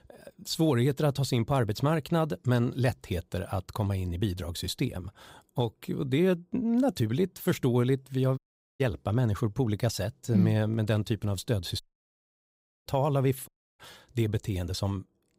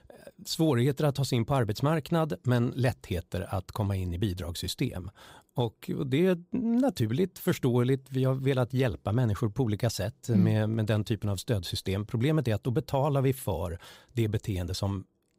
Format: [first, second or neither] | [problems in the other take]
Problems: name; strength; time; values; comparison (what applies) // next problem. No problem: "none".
second | audio cutting out; at 8.5 s, at 12 s for 1 s and at 13 s